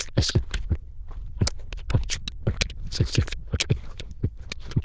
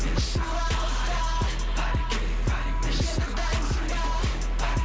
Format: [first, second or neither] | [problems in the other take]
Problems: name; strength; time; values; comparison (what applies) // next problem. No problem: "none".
second | noise reduction (neural diffusion model UNIVERSE++)